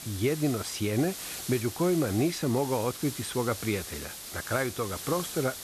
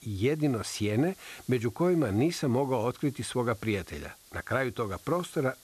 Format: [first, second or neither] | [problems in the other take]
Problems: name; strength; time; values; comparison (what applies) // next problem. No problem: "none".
second | hiss; loud; throughout; 8 dB below the speech; faint in the second